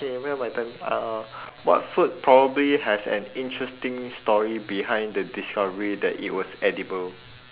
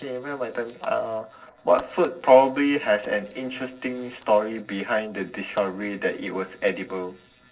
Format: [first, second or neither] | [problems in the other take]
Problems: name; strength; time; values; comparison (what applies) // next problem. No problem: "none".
first | noise reduction (neural separator model SepFormer DNS4)